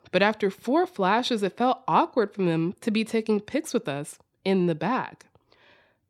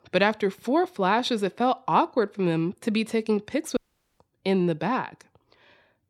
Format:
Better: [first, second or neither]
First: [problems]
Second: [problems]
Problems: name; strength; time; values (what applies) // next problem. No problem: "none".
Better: first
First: none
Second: audio cutting out; at 4 s